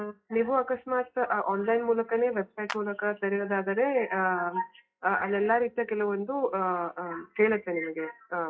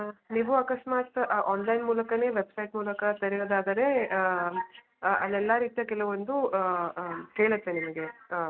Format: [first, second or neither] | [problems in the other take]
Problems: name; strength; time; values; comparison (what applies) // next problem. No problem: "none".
second | noise reduction (classical method WPE with log-MMSE)